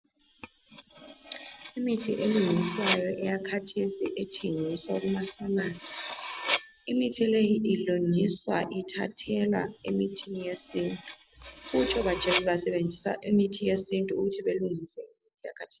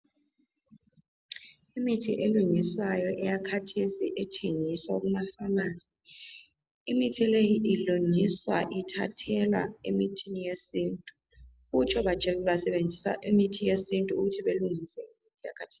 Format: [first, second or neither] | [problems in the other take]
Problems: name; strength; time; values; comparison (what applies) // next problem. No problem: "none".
second | background sound (Cutlery, silverware); 9 dB below the speech